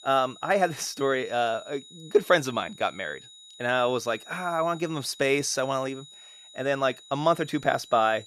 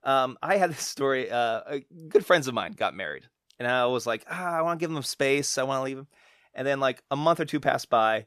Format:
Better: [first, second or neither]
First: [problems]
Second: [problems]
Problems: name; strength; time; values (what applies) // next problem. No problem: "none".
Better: second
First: high-pitched whine; noticeable; throughout; 4 kHz, 20 dB below the speech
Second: none